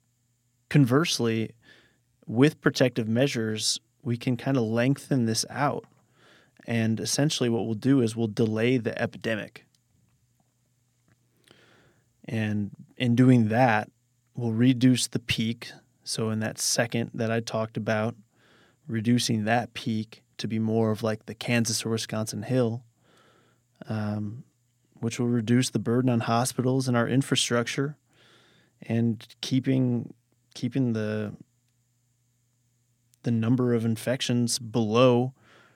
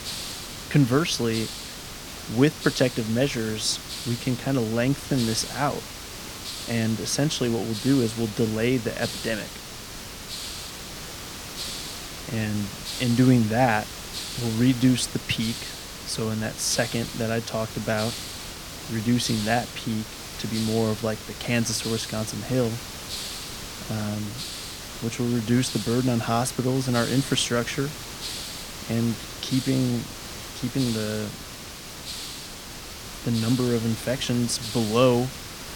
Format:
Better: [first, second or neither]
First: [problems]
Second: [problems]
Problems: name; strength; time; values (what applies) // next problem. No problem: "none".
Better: first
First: none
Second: hiss; loud; throughout; 9 dB below the speech